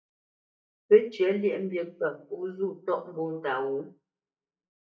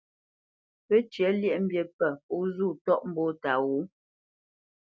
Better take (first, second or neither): second